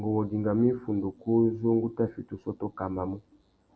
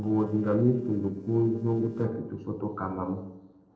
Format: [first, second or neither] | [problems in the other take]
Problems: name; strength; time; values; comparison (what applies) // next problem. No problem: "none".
first | noise reduction (neural separator model SepFormer DNS4)